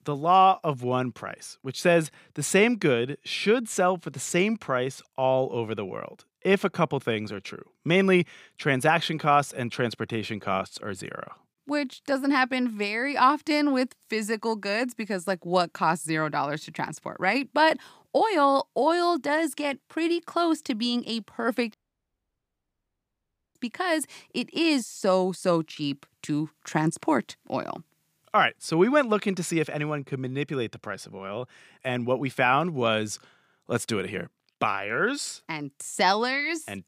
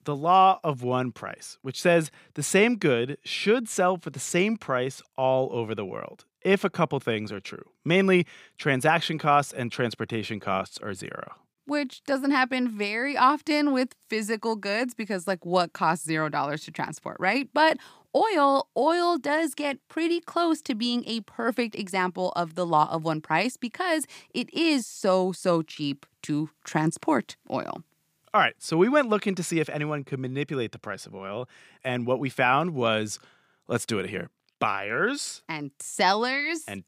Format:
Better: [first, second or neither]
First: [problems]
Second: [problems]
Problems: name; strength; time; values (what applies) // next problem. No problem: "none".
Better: second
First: audio cutting out; at 22 s for 2 s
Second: none